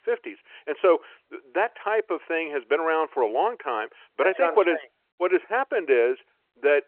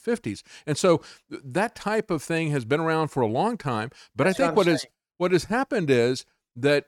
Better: second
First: phone-call audio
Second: none

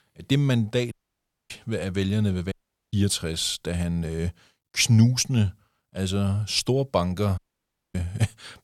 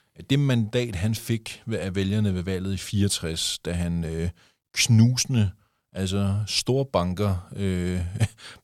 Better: second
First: audio cutting out; at 1 s for 0.5 s, at 2.5 s and at 7.5 s for 0.5 s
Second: none

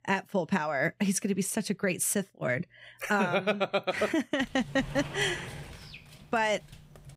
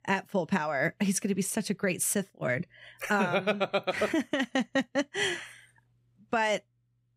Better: second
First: door banging; noticeable; from 4.5 s on; peak 9 dB below the speech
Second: none

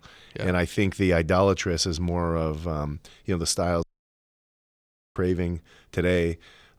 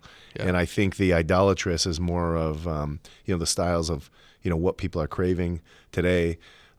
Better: second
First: audio cutting out; at 4 s for 1.5 s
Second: none

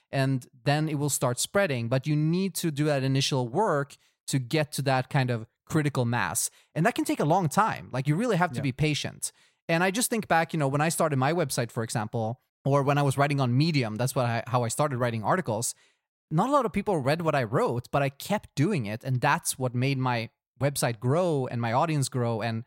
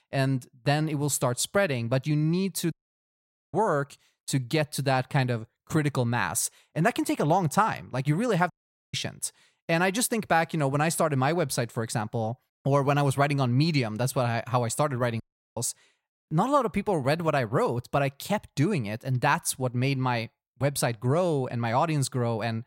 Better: first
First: none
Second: audio cutting out; at 2.5 s for 1 s, at 8.5 s and at 15 s

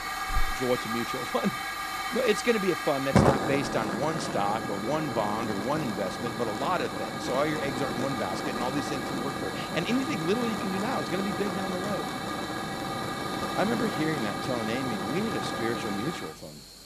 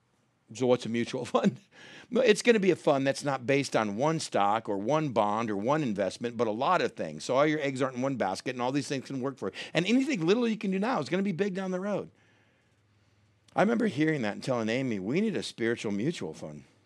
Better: second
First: hiss; loud; throughout; as loud as the speech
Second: none

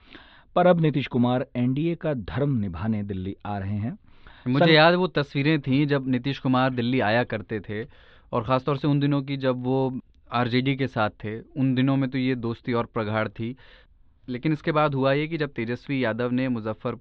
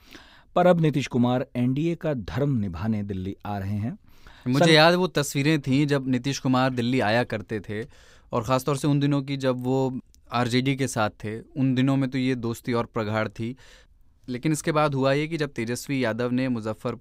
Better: second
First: muffled; very slightly; fading above 3.5 kHz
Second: none

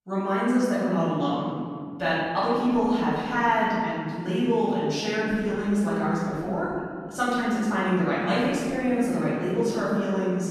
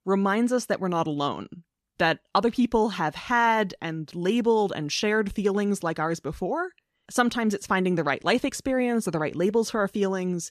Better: second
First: room echo; strong; dies away in 2.2 s // off-mic speech; far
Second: none

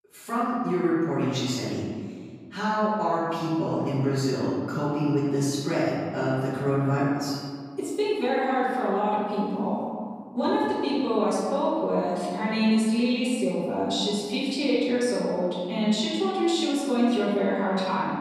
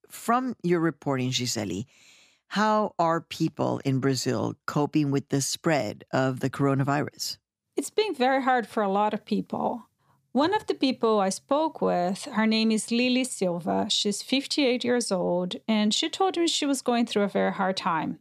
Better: second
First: off-mic speech; far // room echo; strong; dies away in 1.9 s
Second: none

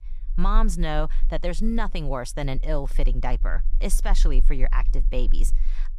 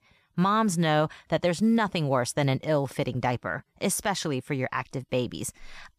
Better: second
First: low rumble; faint; throughout; 25 dB below the speech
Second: none

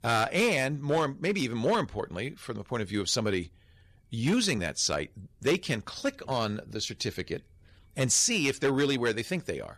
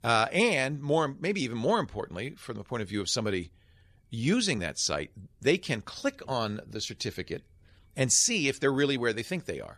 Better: second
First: distortion; slight; 4% of the sound clipped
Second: none

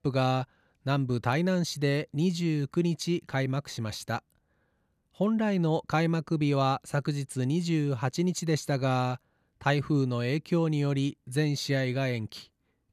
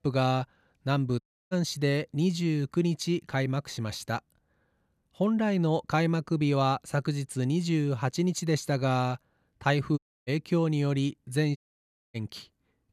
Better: first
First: none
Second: audio cutting out; at 1 s, at 10 s and at 12 s for 0.5 s

